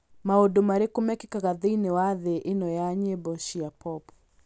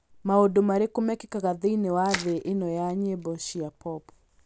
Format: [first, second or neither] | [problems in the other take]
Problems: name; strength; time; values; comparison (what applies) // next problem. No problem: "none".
first | background sound (Crushing); 12 dB below the speech